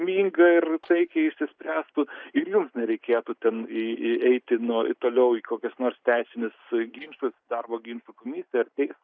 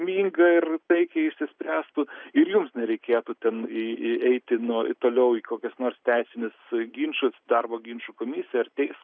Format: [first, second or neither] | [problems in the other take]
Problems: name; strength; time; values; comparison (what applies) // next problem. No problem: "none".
second | noise reduction (neural mask model DeepFilterNet 3)